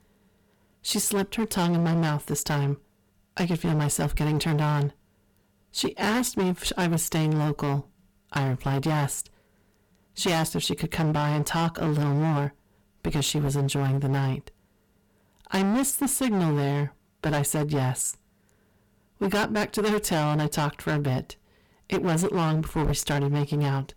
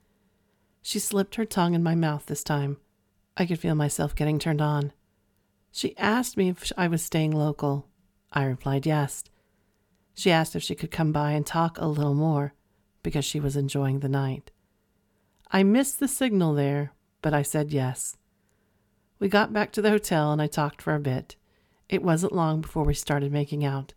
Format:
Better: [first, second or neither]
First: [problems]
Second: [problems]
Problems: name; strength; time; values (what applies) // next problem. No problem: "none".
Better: second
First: distortion; heavy; 19% of the sound clipped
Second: none